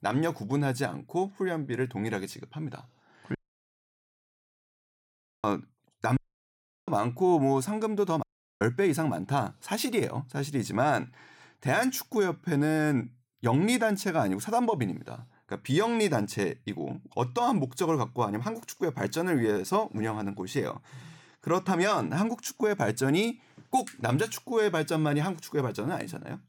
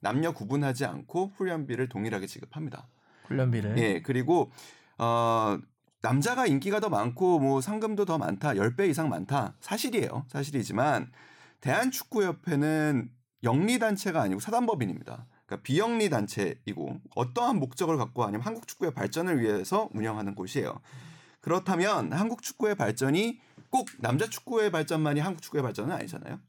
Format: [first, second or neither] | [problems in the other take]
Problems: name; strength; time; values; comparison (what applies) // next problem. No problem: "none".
second | audio cutting out; at 3.5 s for 2 s, at 6 s for 0.5 s and at 8 s